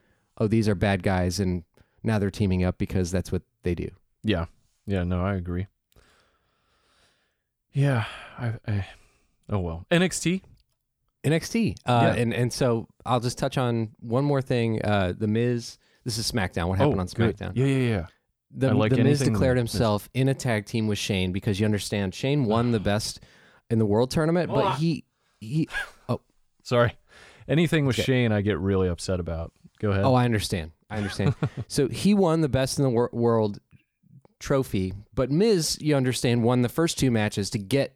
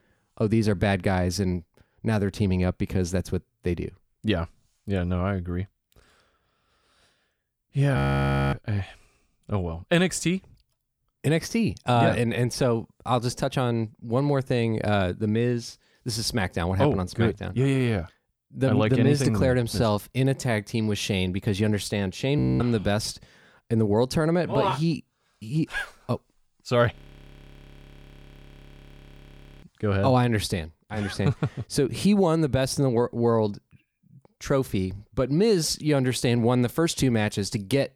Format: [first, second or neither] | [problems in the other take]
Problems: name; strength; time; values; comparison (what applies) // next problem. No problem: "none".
first | audio freezing; at 8 s for 0.5 s, at 22 s and at 27 s for 2.5 s